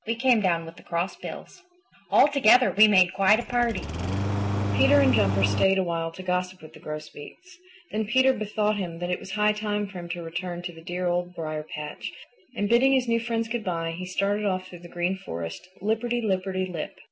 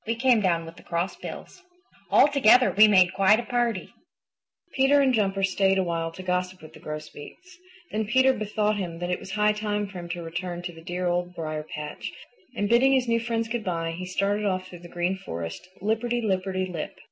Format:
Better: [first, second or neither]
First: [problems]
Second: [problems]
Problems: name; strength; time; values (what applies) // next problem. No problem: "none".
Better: second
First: background sound (Engine starting); 1 dB below the speech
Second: none